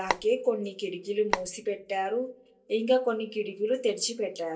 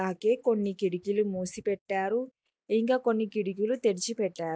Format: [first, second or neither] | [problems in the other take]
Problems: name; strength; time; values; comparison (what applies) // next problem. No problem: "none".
second | background sound (Telephone); 3 dB below the speech // room echo; dies away in 0.2 s